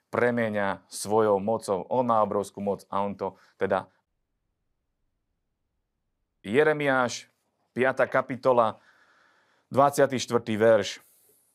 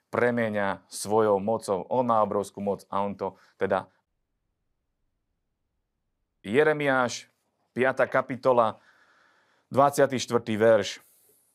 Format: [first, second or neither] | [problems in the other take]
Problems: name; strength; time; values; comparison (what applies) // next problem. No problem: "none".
neither | audio cutting out; at 4 s for 2.5 s; the same in both